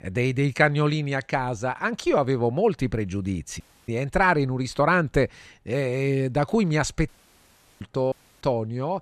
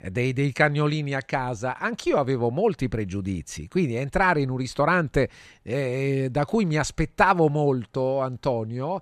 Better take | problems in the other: second | audio cutting out; at 3.5 s, at 7 s for 0.5 s and at 8 s

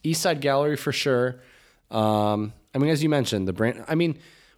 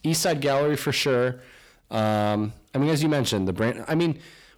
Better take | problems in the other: first | distortion; slight; 10 dB below the speech

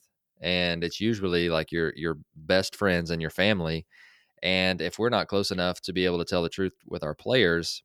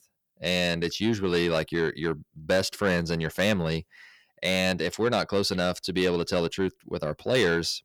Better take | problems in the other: first | distortion; slight; 10 dB below the speech

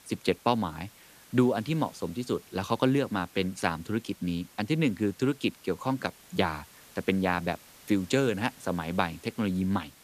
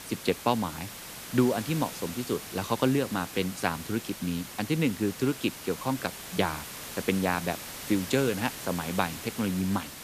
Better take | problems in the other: first | hiss; loud; throughout; 9 dB below the speech; faint in the first

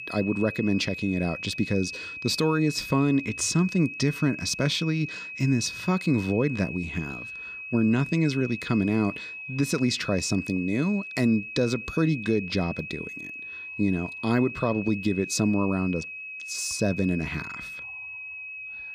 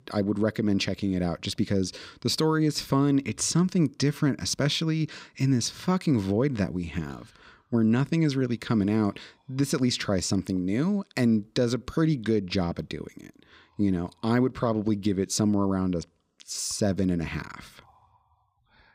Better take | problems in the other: second | high-pitched whine; loud; throughout; 2.5 kHz, 9 dB below the speech

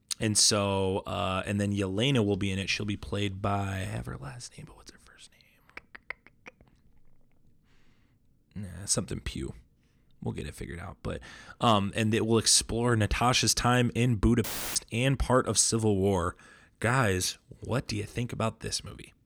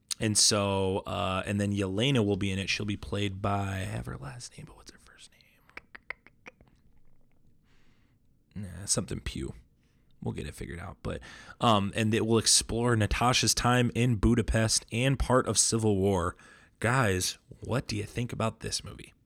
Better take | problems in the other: second | audio cutting out; filled with static; at 14 s

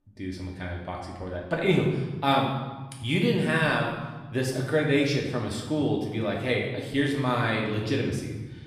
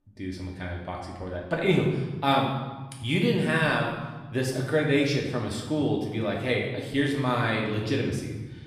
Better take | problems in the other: neither | room echo; noticeable; dies away in 1.1 s; the same in both // off-mic speech; far; the same in both

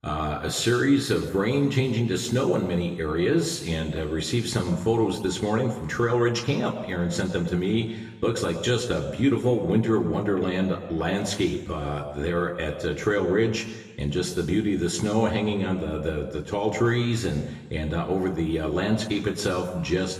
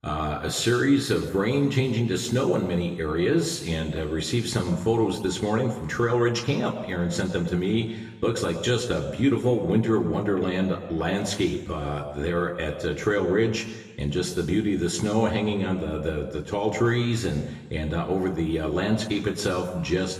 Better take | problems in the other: neither | room echo; slight; dies away in 1 s; the same in both // off-mic speech; somewhat distant; the same in both

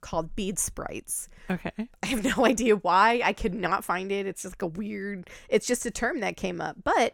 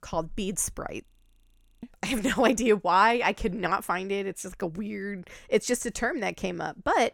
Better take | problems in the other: first | audio freezing; at 1 s for 1 s

